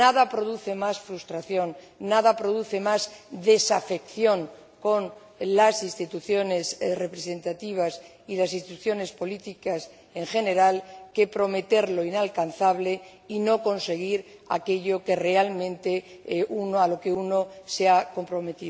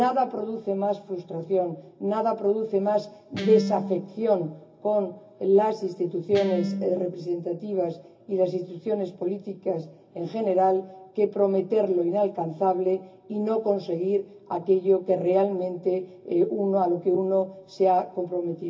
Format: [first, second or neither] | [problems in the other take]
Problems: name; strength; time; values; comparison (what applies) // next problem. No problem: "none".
first | background sound (Guitar); 5 dB below the speech // room echo; dies away in 0.4 s